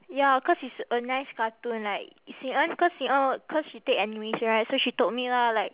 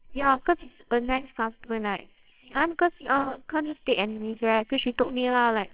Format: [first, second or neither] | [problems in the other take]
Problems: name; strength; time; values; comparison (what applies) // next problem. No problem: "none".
first | noise reduction (neural separator model SepFormer WHAMR!)